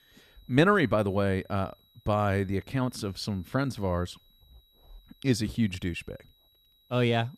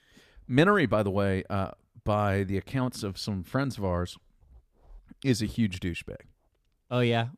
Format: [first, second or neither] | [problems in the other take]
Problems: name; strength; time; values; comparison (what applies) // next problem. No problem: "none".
second | high-pitched whine; faint; throughout; 4 kHz, 35 dB below the speech